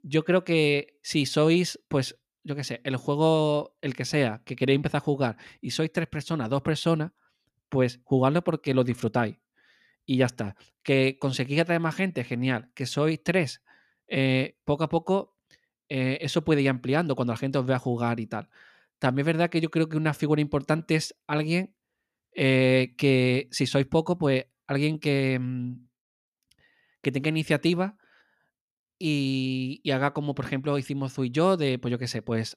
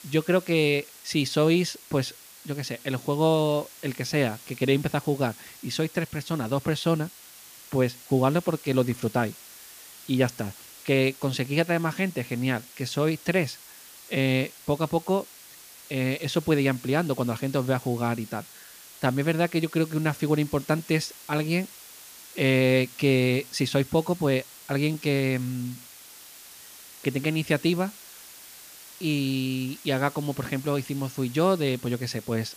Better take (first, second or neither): first